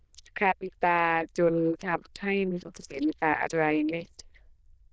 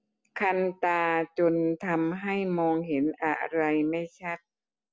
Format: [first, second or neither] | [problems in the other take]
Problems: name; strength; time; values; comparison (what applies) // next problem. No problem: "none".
second | noise reduction (neural diffusion model UNIVERSE++)